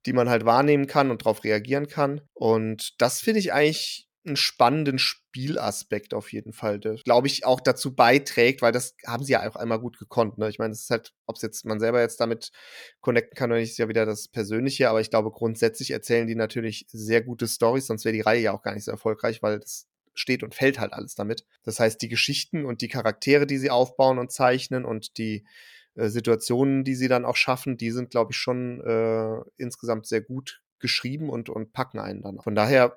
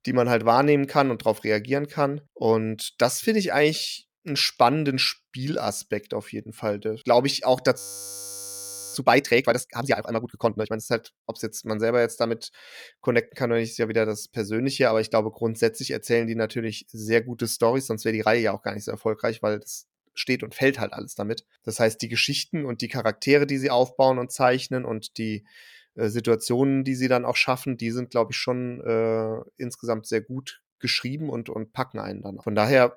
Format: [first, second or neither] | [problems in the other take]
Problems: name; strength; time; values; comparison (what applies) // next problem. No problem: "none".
first | audio freezing; at 8 s for 1 s